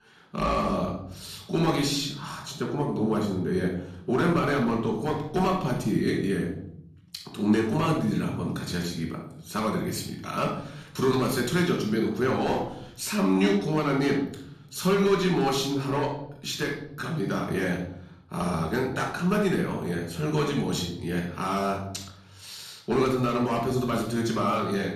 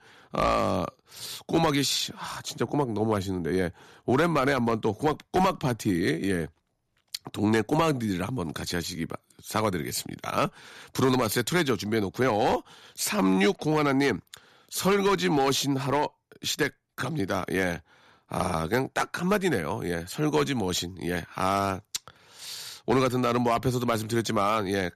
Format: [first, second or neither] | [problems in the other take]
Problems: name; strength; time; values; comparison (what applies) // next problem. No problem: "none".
second | off-mic speech; far // room echo; noticeable; dies away in 0.8 s